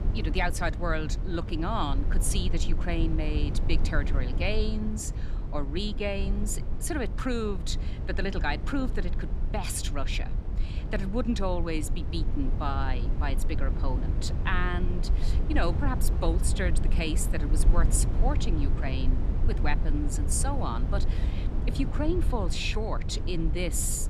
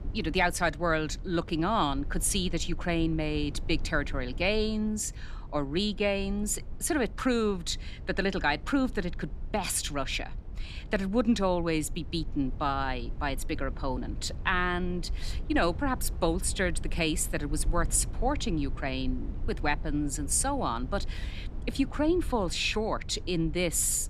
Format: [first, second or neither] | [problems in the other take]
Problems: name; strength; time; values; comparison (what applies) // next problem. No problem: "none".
second | low rumble; loud; throughout; 10 dB below the speech; faint in the second